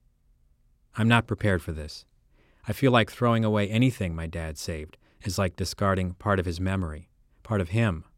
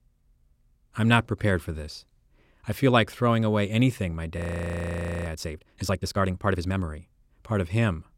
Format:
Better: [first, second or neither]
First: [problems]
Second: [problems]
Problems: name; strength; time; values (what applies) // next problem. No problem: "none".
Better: first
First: none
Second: audio freezing; at 4.5 s for 1 s